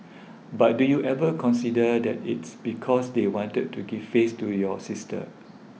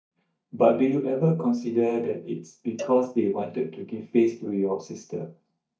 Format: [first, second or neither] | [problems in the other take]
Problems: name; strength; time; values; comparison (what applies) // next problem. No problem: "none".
first | noise reduction (neural mask model DeepFilterNet 3)